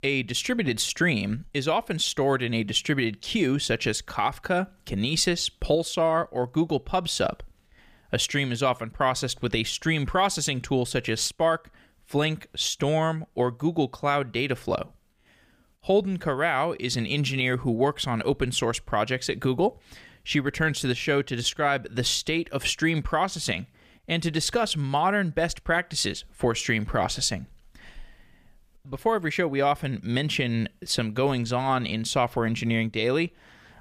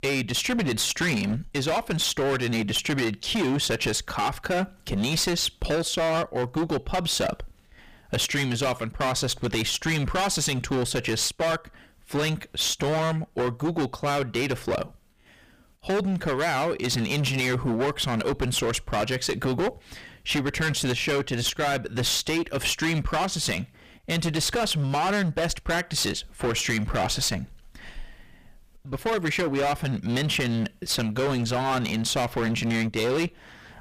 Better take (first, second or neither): first